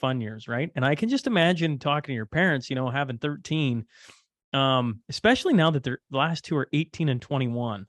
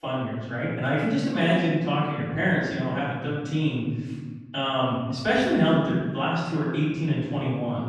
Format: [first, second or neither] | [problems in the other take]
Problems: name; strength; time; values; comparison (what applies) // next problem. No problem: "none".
first | off-mic speech; far // room echo; strong; dies away in 1.6 s